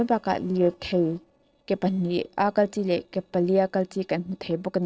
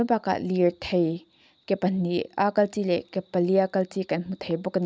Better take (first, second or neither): second